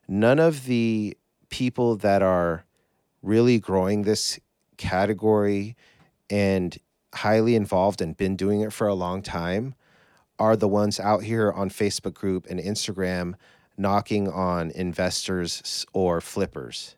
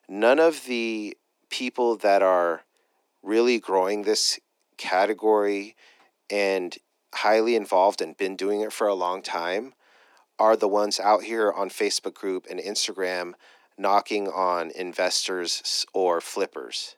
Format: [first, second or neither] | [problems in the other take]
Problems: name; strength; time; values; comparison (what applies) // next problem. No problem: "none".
first | thin; somewhat; fading below 300 Hz